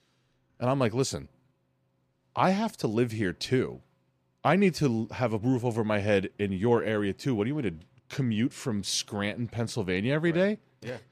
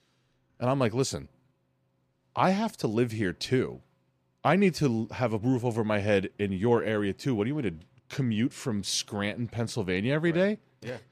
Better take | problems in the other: neither | none

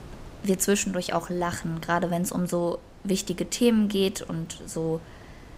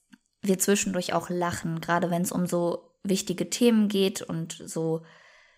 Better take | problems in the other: second | wind noise on the microphone; occasional gusts; 20 dB below the speech

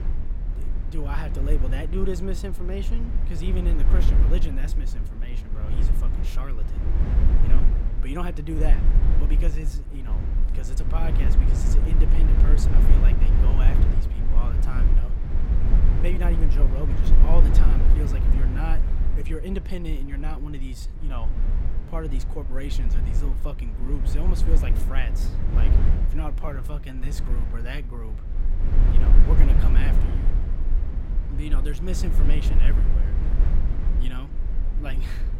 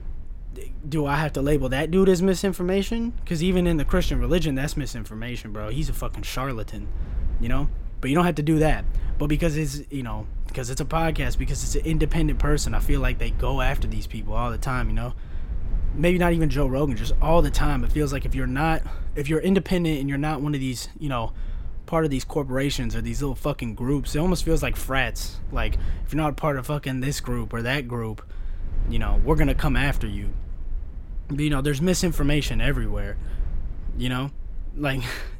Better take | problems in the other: second | low rumble; loud; throughout; 2 dB below the speech; faint in the second

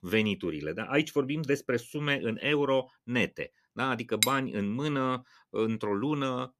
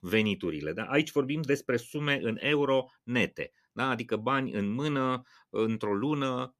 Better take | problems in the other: second | clattering dishes; very faint; at 4 s; peak 1 dB above the speech

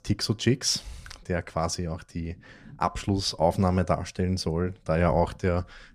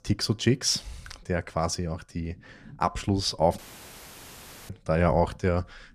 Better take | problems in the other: first | audio cutting out; filled with static; at 3.5 s for 1 s

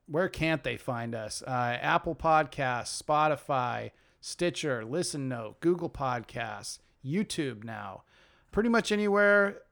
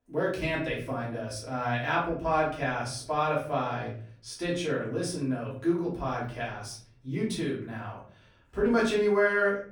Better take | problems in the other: first | off-mic speech; far // room echo; slight; dies away in 0.6 s

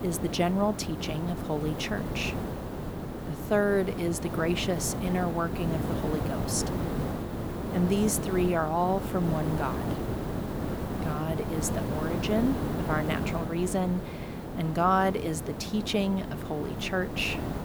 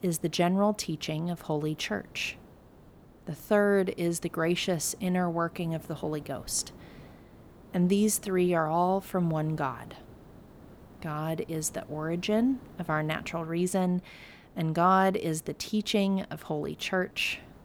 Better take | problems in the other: second | hiss; loud; throughout; 4 dB below the speech; faint in the second

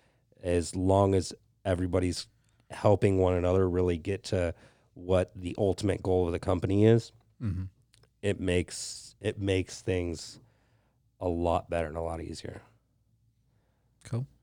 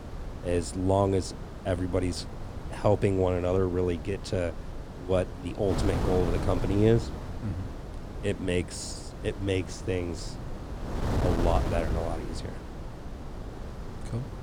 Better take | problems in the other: first | wind noise on the microphone; occasional gusts; 10 dB below the speech

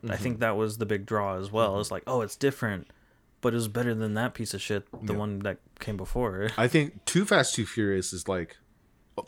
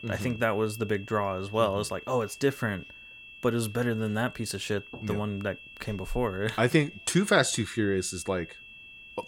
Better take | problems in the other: first | high-pitched whine; noticeable; throughout; 2.5 kHz, 15 dB below the speech

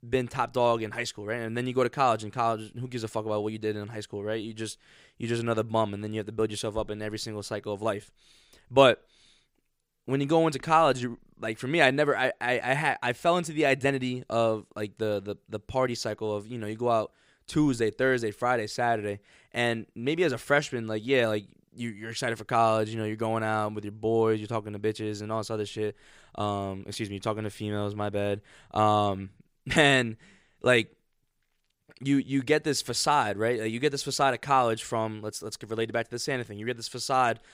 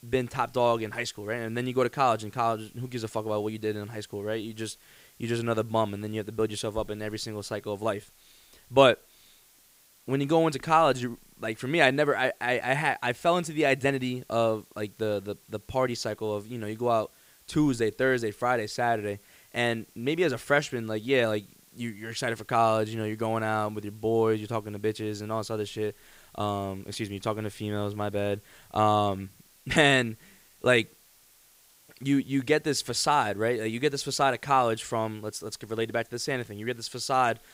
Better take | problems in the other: first | hiss; faint; throughout; 30 dB below the speech

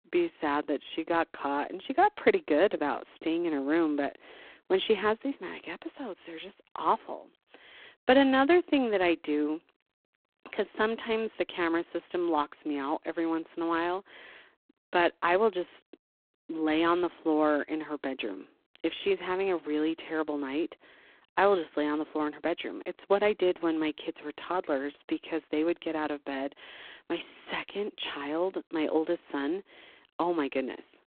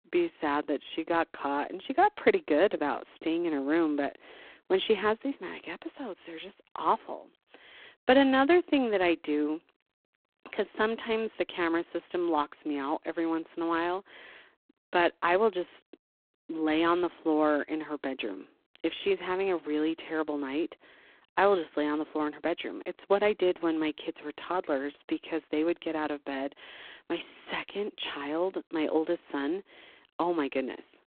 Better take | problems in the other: neither | phone-call audio; poor line; the same in both

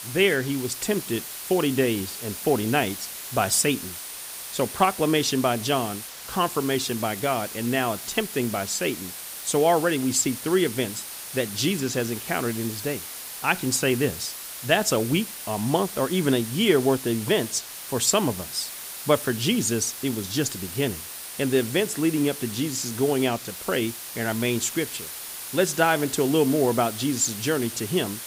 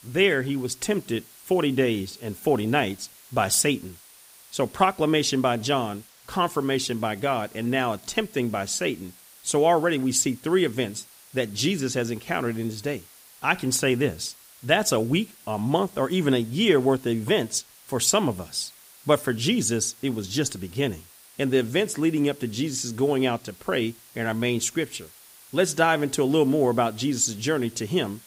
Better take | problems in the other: second | hiss; loud; throughout; 9 dB below the speech; faint in the second

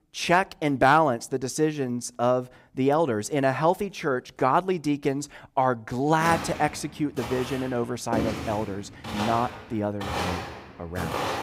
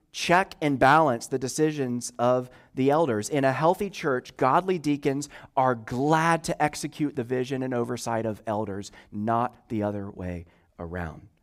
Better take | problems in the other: second | footsteps; noticeable; from 6 s on; peak 3 dB below the speech

